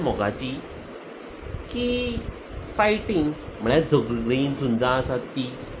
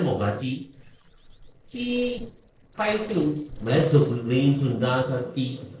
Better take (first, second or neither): first